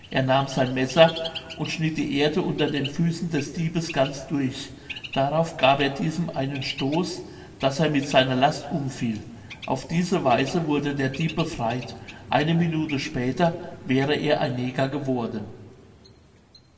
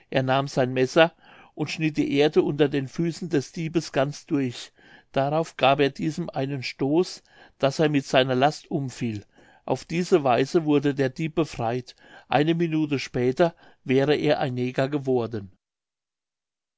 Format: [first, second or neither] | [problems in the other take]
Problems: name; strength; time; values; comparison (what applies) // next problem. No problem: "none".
second | background sound (Bird); 17 dB below the speech // room echo; dies away in 1.8 s